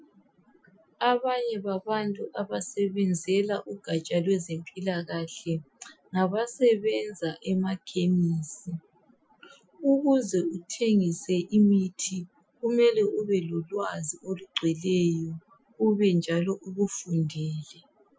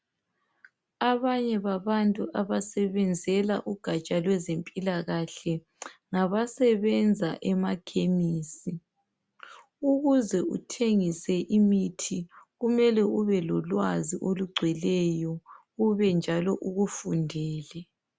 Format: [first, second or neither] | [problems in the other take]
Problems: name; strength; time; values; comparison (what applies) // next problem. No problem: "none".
second | noise reduction (classical method Wiener filter)